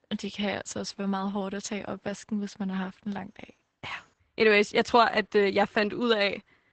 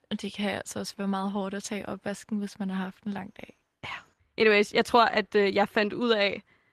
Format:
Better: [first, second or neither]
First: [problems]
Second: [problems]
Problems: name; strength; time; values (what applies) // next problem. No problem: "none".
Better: second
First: garbled, watery; badly; nothing above 8 kHz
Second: garbled, watery; slightly; nothing above 13.5 kHz